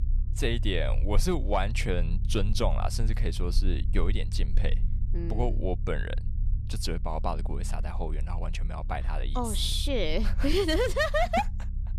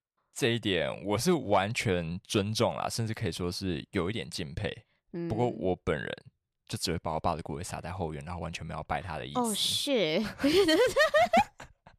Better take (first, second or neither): second